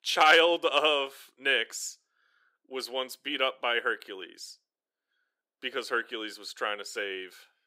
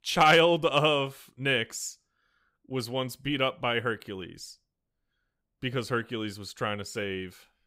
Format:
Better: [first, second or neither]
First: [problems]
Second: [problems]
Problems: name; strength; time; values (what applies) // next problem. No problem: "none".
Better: second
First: thin; somewhat; fading below 350 Hz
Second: none